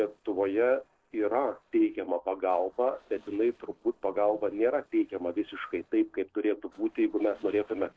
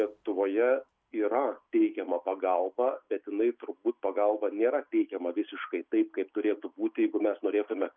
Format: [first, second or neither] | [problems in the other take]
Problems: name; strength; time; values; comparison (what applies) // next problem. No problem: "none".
second | noise reduction (neural separator model SepFormer DNS4)